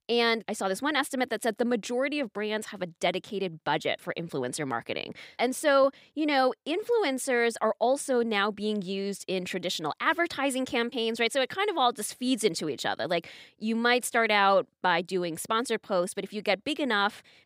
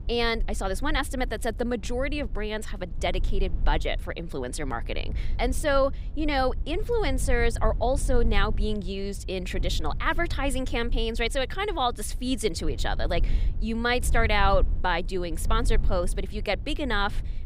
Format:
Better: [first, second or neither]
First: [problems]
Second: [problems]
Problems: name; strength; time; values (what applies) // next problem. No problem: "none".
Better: first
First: none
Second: low rumble; faint; throughout; 20 dB below the speech